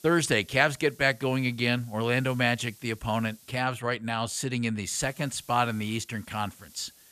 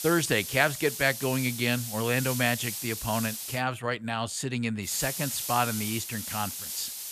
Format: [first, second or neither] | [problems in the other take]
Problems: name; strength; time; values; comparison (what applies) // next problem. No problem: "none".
first | hiss; loud; until 3.5 s and from 5 s on; 5 dB below the speech; faint in the first